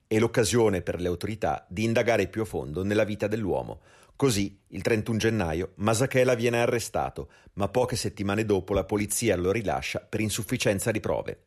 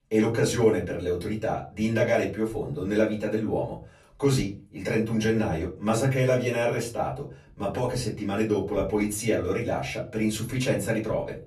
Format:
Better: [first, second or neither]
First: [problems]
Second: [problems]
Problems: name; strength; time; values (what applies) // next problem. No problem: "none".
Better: first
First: none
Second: off-mic speech; far // room echo; very slight; dies away in 0.3 s